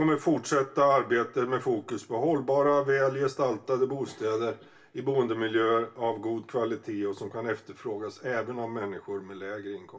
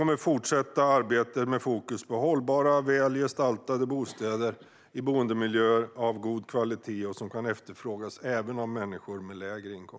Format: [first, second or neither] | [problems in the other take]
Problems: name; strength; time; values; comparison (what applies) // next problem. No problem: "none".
second | room echo; dies away in 0.2 s